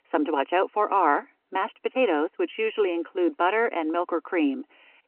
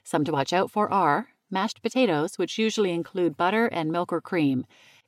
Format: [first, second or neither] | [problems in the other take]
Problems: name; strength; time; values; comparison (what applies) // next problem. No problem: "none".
second | phone-call audio